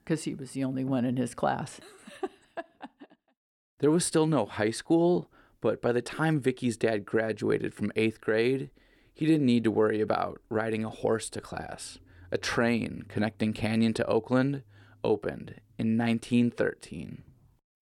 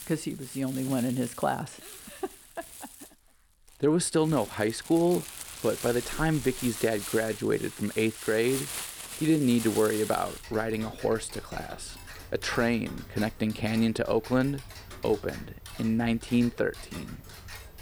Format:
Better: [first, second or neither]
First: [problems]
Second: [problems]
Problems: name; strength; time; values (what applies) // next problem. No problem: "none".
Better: first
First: none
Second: household noises; noticeable; throughout; 10 dB below the speech